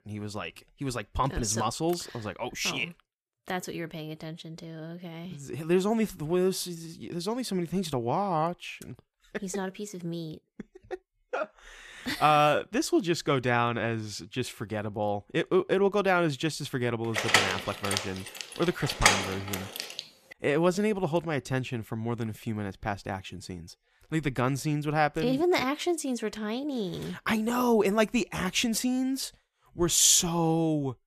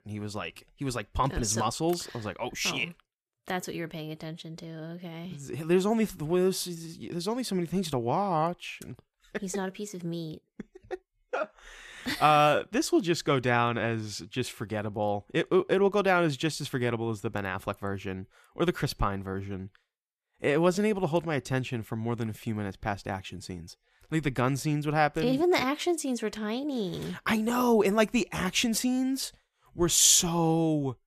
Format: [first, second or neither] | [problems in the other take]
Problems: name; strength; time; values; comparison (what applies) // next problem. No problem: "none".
second | door banging; loud; from 17 to 20 s; peak 6 dB above the speech